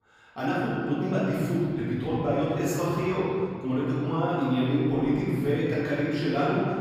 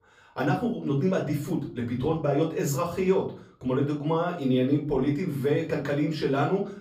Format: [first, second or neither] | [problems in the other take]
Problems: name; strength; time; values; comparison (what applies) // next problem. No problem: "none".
second | room echo; strong; dies away in 2.2 s; slight in the second // off-mic speech; far; far in the second